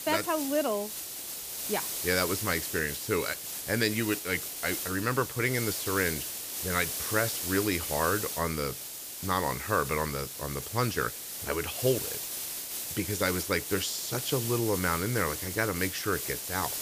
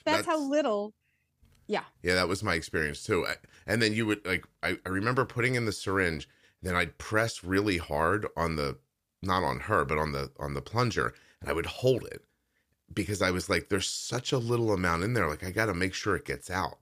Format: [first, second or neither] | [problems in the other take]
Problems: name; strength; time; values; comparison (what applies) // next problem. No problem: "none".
second | hiss; loud; throughout; 3 dB below the speech